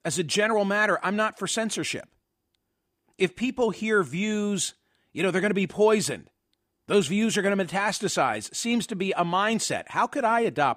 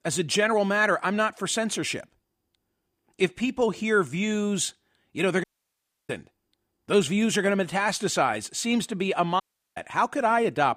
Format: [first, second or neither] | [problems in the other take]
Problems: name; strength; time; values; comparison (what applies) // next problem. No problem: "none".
first | audio cutting out; at 5.5 s for 0.5 s and at 9.5 s